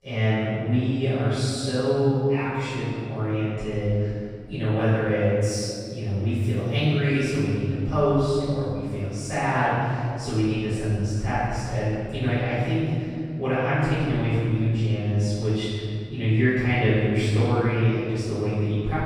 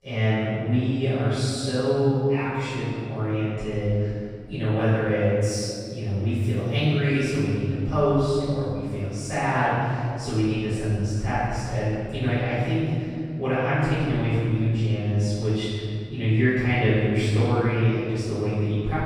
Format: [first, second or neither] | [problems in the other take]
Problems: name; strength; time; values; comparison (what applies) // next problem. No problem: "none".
neither | room echo; strong; dies away in 2.4 s; the same in both // off-mic speech; far; the same in both